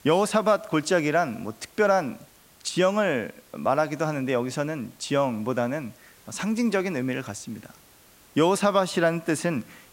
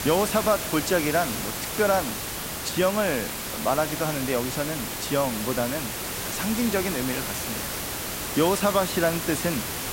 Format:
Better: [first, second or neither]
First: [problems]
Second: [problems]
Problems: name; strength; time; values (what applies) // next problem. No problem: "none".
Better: first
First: hiss; faint; throughout; 25 dB below the speech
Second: hiss; loud; throughout; 3 dB below the speech